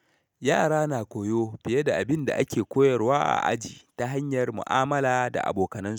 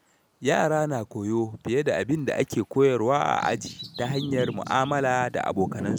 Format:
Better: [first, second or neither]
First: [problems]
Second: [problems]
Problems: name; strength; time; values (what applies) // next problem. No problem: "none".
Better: first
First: none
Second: background sound (Bird vocalization, bird call, bird song); 13 dB below the speech